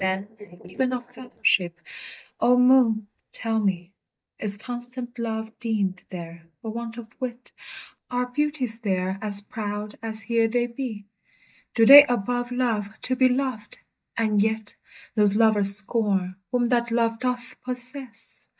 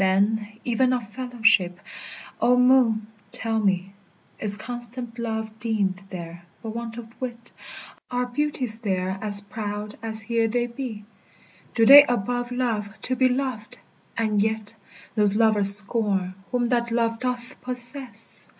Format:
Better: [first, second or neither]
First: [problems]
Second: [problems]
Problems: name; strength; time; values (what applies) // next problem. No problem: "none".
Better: second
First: noise reduction (neural mask model DeepFilterNet 3)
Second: none